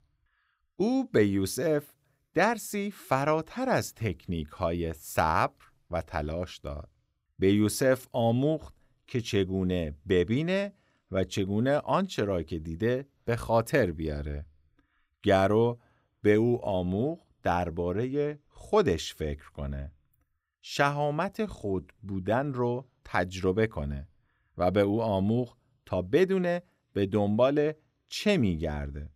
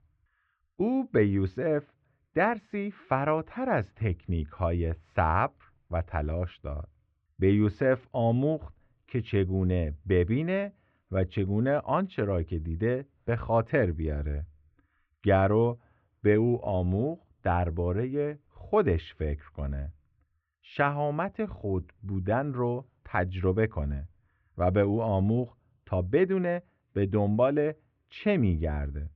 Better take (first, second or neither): first